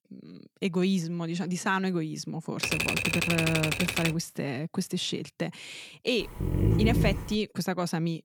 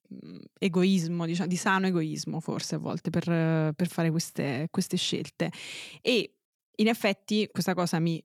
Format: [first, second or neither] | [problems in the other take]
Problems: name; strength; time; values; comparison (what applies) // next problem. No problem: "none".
second | keyboard typing; loud; from 2.5 to 4 s; peak 4 dB above the speech // dog barking; loud; at 6.5 s; peak 6 dB above the speech